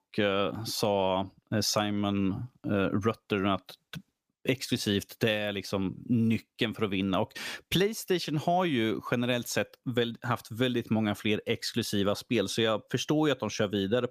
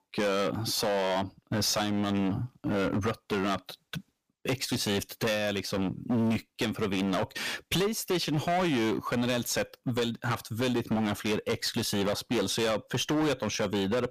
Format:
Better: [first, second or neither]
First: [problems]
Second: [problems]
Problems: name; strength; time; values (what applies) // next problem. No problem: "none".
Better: first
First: none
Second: distortion; heavy; 17% of the sound clipped